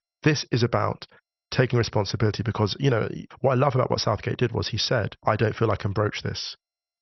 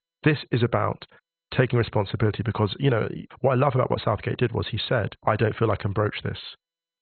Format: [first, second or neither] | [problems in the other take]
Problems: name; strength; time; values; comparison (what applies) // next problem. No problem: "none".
first | garbled, watery; badly; nothing above 4 kHz; slightly in the first